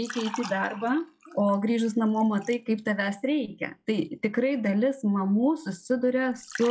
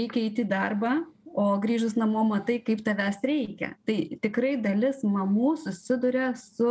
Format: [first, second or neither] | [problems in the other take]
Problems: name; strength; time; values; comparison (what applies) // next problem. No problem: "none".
second | noise reduction (classical method log-MMSE)